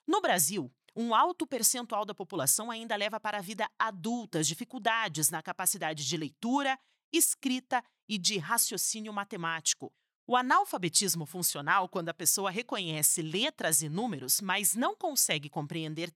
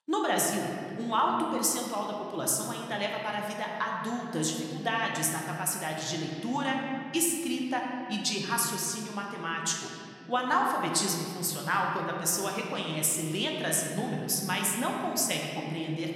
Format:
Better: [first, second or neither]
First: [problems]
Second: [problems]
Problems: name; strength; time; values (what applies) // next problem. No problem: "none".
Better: first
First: none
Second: room echo; noticeable; dies away in 2.7 s // off-mic speech; somewhat distant